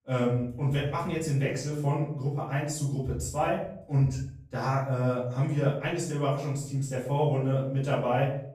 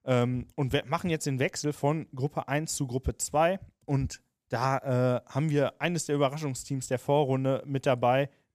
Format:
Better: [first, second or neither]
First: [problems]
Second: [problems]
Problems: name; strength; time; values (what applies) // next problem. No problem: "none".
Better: second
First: off-mic speech; far // room echo; noticeable; dies away in 0.6 s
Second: none